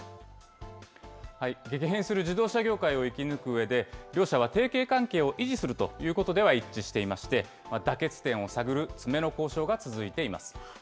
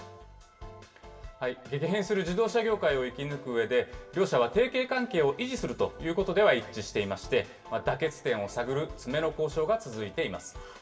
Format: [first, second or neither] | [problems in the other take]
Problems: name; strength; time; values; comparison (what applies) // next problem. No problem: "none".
first | room echo; dies away in 0.7 s